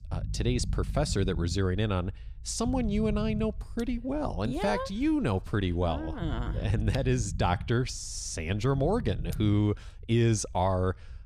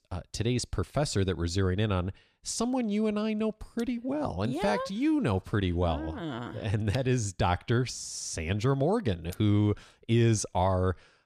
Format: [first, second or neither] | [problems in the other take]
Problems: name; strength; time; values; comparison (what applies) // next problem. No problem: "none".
second | low rumble; noticeable; throughout; 20 dB below the speech